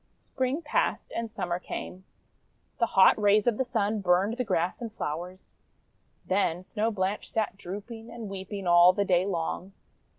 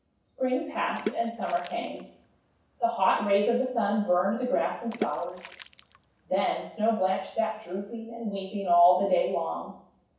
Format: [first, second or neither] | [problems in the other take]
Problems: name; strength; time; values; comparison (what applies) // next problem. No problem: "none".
first | background sound (Water / Splash, splatter); 14 dB below the speech // room echo; dies away in 0.7 s